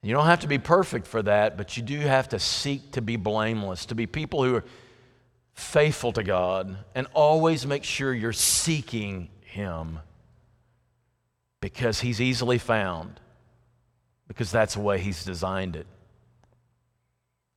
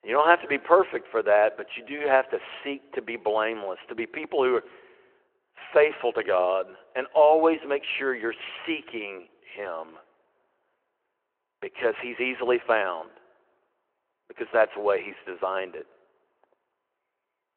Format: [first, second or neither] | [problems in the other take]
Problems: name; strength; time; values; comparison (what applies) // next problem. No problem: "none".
first | phone-call audio